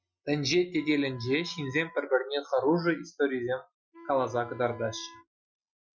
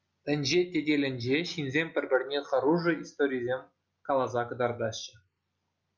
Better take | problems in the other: second | noise reduction (classical method Wiener filter)

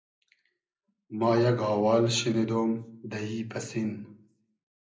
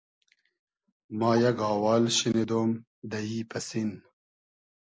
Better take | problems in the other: second | room echo; dies away in 0.5 s

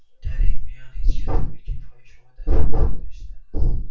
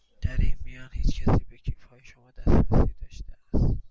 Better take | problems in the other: second | room echo; dies away in 0.3 s

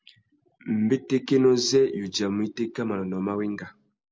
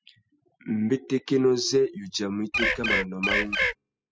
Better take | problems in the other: first | noise reduction (classical method spectral subtraction)

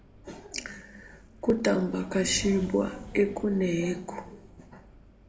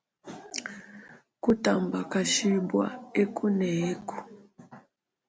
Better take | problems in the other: second | background sound (Wind); 18 dB below the speech // room echo; dies away in 1.4 s

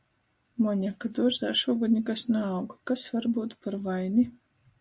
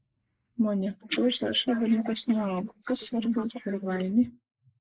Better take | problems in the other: first | noise reduction (neural mask model Resemble Enhance denoiser)

